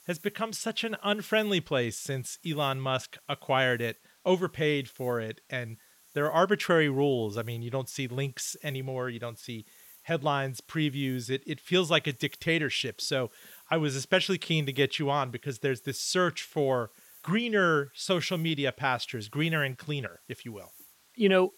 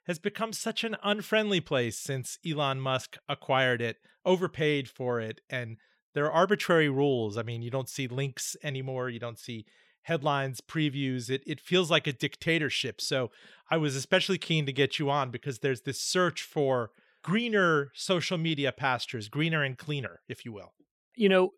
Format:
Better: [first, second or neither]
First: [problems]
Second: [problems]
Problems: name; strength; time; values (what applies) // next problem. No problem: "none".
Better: second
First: hiss; faint; throughout; 25 dB below the speech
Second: none